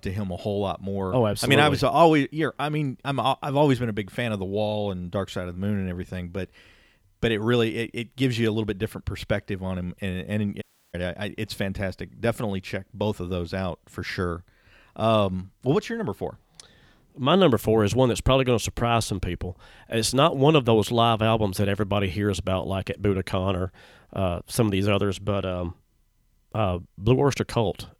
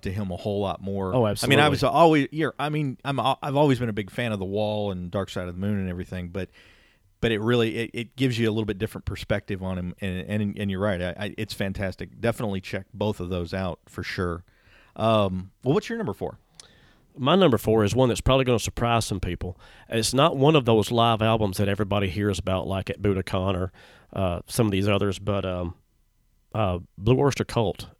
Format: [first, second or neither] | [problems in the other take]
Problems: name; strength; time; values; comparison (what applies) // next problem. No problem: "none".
second | audio cutting out; at 11 s